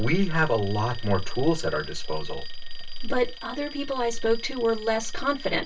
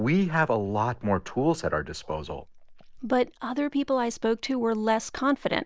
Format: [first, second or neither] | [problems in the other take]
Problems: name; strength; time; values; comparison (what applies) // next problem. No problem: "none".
second | background sound (Alarm); 19 dB below the speech // room echo; dies away in 0.1 s